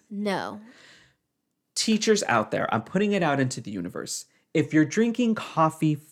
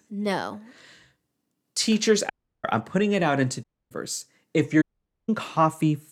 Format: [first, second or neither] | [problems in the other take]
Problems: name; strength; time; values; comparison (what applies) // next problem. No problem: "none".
first | audio cutting out; at 2.5 s, at 3.5 s and at 5 s